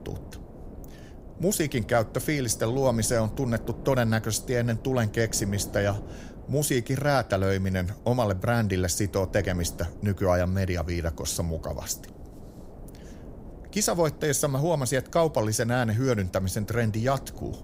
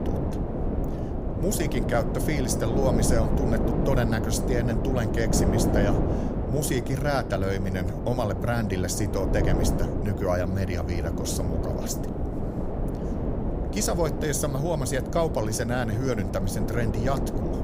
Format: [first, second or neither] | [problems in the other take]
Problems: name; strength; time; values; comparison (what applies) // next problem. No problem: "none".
first | wind noise on the microphone; heavy; 3 dB below the speech; occasional gusts in the first